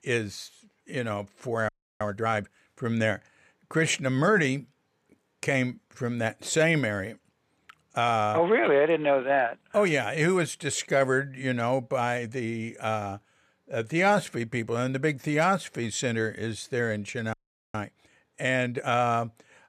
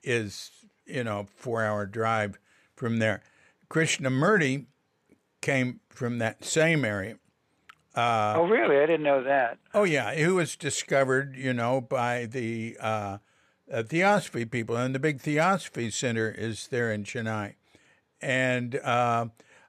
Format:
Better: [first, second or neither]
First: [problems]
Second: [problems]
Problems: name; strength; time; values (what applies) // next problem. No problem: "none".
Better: second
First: audio freezing; at 1.5 s and at 17 s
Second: none